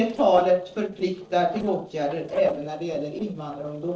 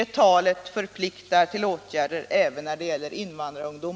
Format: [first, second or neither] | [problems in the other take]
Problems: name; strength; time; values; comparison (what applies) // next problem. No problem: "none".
second | noise reduction (neural separator model SepFormer DNS4)